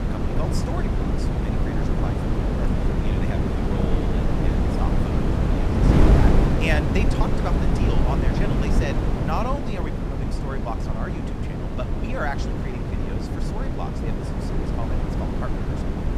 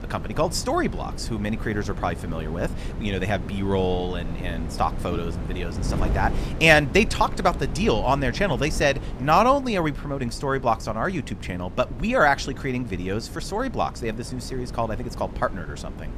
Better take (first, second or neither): second